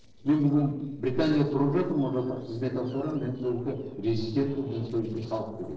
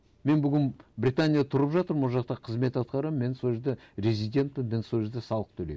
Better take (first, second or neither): second